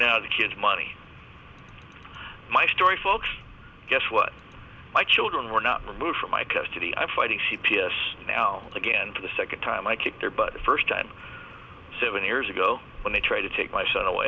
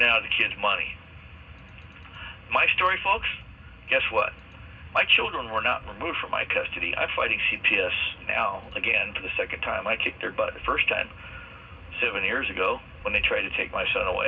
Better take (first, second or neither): first